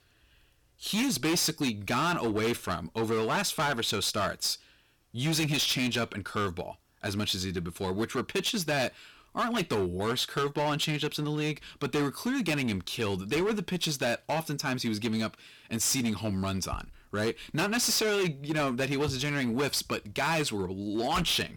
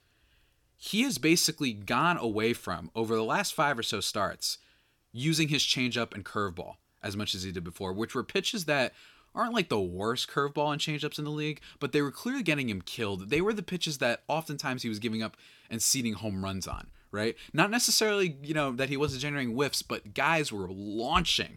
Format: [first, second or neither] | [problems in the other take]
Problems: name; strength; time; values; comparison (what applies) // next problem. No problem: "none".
second | distortion; heavy; 14% of the sound clipped